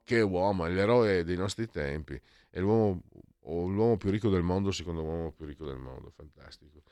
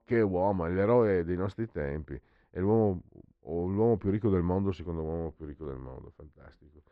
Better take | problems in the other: first | muffled; very; fading above 3 kHz

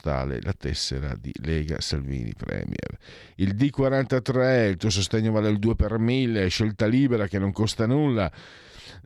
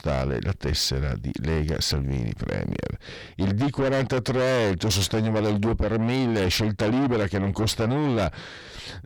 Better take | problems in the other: first | distortion; heavy; 6 dB below the speech

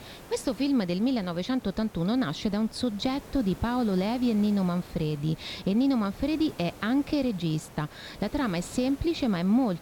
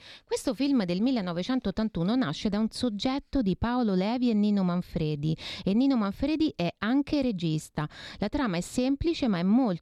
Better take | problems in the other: second | hiss; noticeable; throughout; 20 dB below the speech

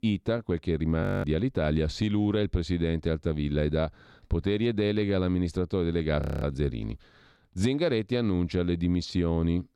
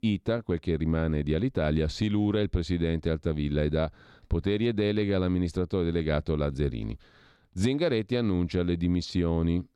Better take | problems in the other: second | audio freezing; at 1 s and at 6 s

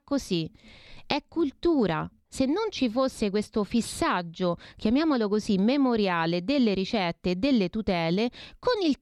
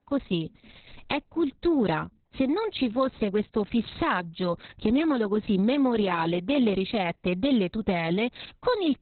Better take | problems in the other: first | garbled, watery; badly; nothing above 4 kHz

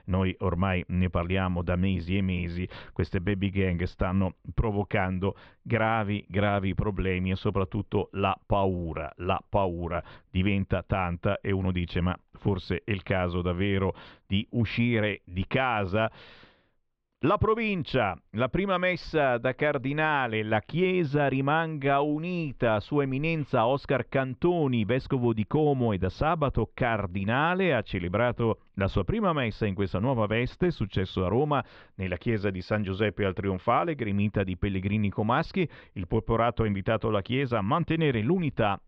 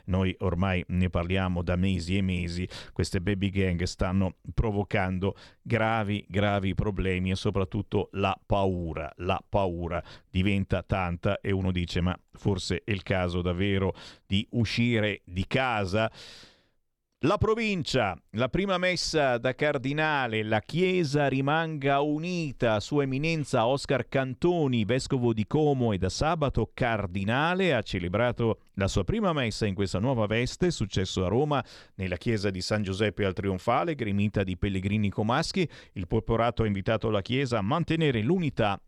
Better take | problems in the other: second | muffled; very; fading above 3 kHz

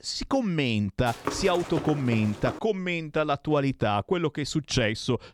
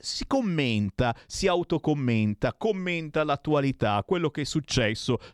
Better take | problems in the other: second | footsteps; noticeable; from 1 to 2.5 s; peak 7 dB below the speech

